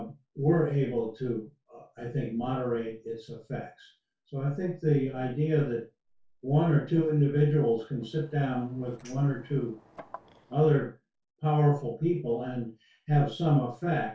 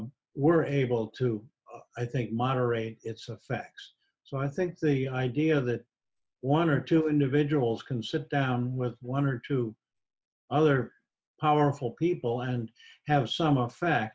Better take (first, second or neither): second